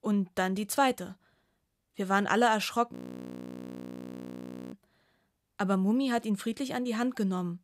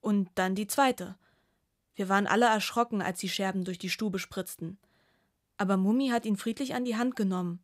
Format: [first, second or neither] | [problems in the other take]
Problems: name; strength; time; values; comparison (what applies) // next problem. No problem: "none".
second | audio freezing; at 3 s for 2 s